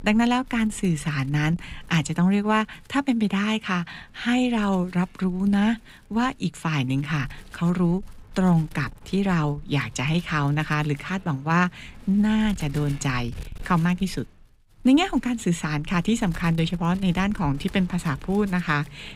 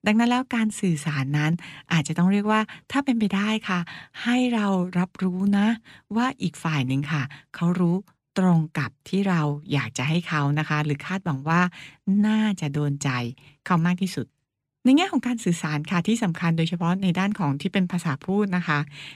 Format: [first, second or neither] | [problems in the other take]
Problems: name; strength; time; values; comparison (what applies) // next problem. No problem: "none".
second | wind noise on the microphone; occasional gusts; 25 dB below the speech